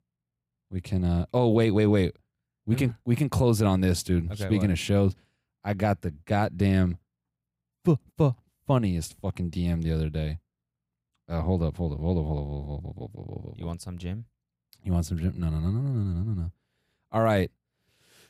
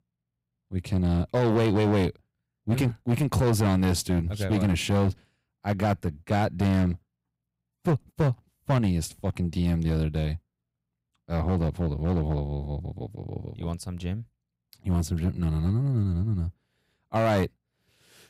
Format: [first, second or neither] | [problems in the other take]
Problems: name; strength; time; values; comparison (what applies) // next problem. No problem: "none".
first | distortion; slight; 9% of the sound clipped